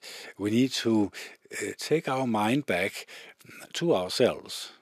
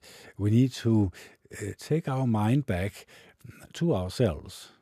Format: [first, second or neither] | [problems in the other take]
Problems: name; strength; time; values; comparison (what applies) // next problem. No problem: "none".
second | thin; somewhat; fading below 300 Hz